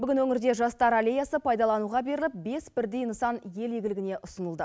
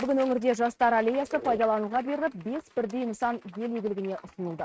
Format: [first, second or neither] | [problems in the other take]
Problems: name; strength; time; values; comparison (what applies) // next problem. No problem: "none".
first | noise reduction (neural mask model RNNoise)